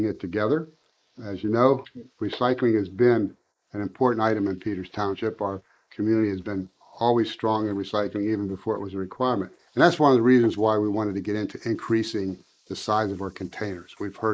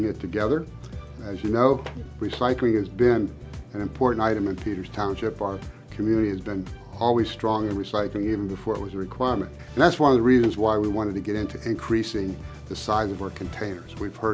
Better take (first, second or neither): second